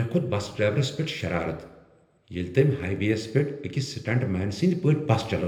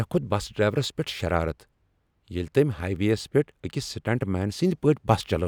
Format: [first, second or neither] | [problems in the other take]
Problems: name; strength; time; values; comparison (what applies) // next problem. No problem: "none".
second | room echo; dies away in 0.7 s